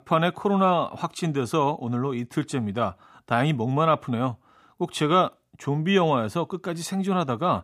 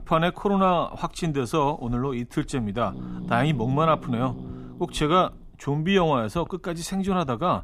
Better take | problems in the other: first | hiss; noticeable; throughout; 15 dB below the speech

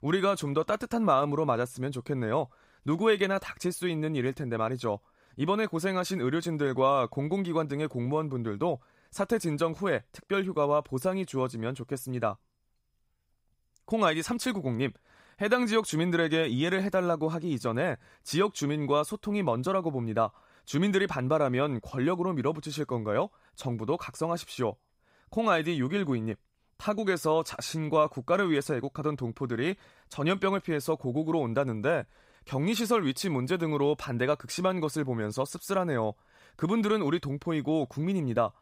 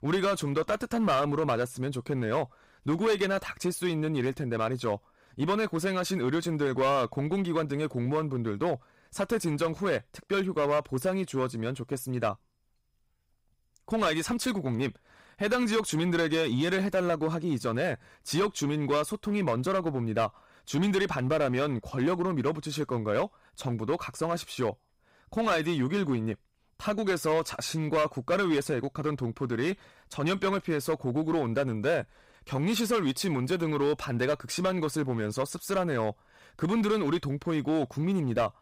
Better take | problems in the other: first | distortion; slight; 7% of the sound clipped

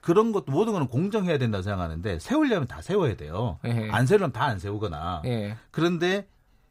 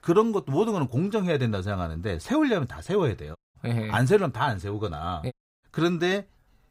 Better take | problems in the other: first | audio cutting out; at 3.5 s and at 5.5 s

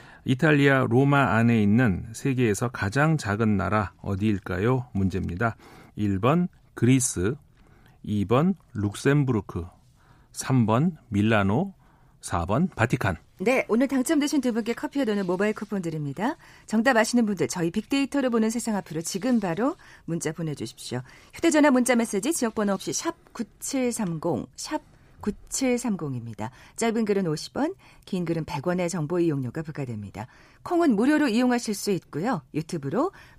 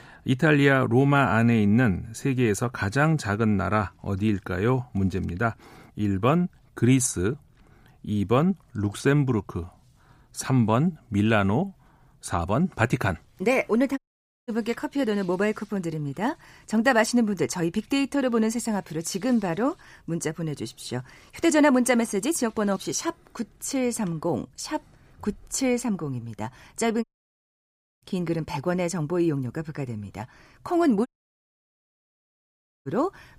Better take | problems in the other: first | audio cutting out; at 14 s, at 27 s for 1 s and at 31 s for 2 s

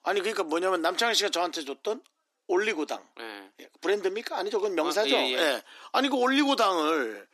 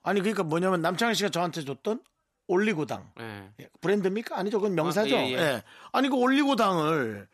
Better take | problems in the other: second | thin; very slightly; fading below 300 Hz

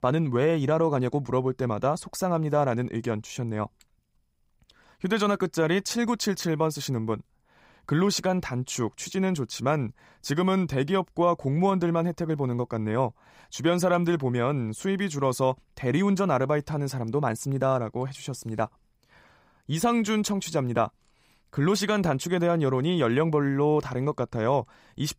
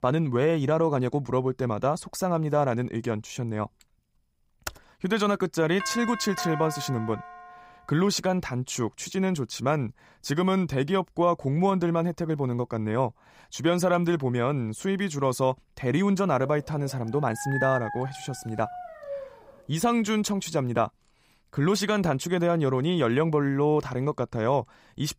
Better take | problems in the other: first | keyboard typing; very faint; at 4.5 s; peak 10 dB below the speech // doorbell; noticeable; from 6 to 7.5 s; peak 7 dB below the speech // dog barking; noticeable; from 16 to 20 s; peak 4 dB below the speech

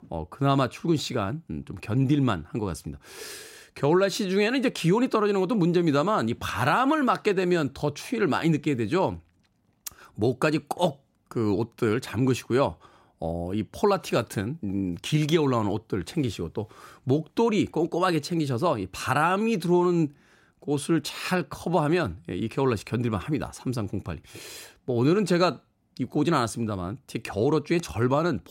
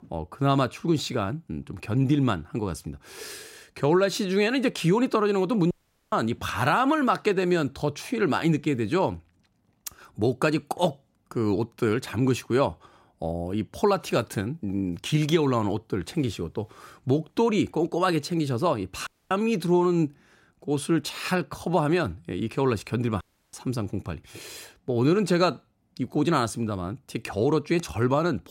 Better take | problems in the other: first | audio cutting out; at 5.5 s, at 19 s and at 23 s

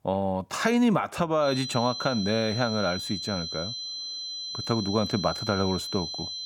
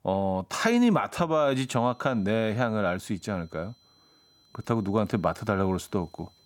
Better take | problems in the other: second | high-pitched whine; loud; from 1.5 s on; 4 kHz, 5 dB below the speech; faint in the second

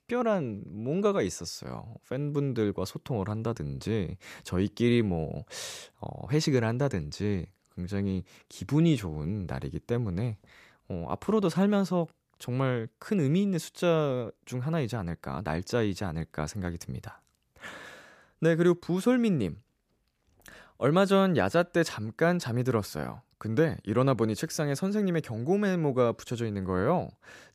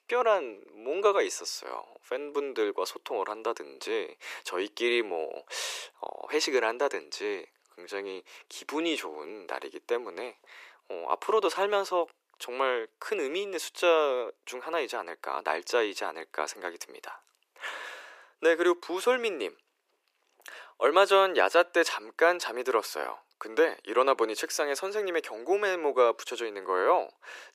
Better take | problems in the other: first | thin; very; fading below 350 Hz

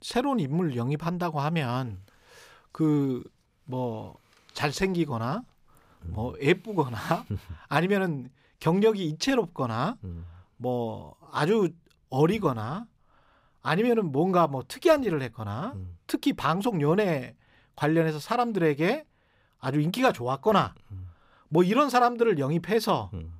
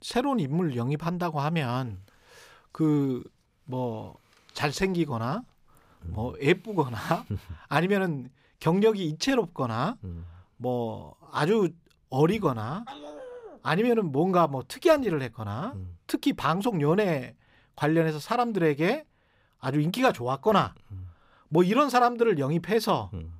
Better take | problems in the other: first | dog barking; faint; at 13 s; peak 15 dB below the speech

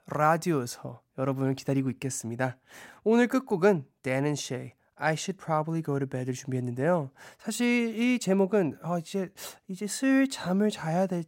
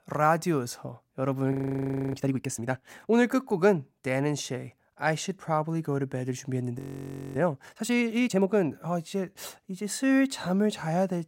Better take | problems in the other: first | audio freezing; at 1.5 s for 0.5 s and at 7 s for 0.5 s

